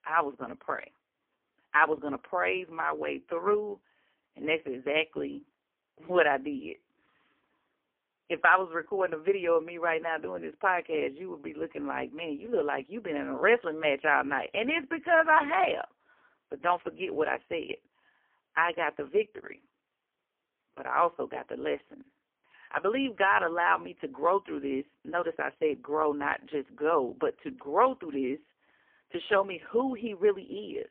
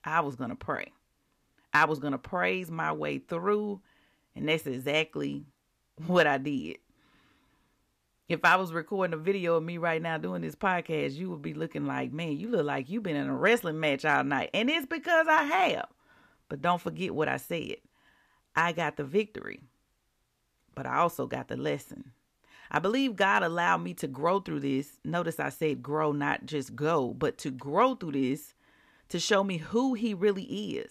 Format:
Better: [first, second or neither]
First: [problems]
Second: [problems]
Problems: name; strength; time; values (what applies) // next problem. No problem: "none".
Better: second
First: phone-call audio; poor line; nothing above 3 kHz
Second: none